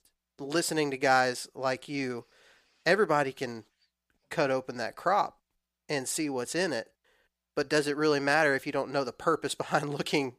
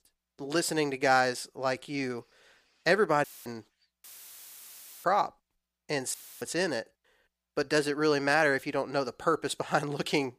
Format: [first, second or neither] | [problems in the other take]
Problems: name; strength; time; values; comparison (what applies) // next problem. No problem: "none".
first | audio cutting out; filled with static; at 3 s, at 4 s for 1 s and at 6 s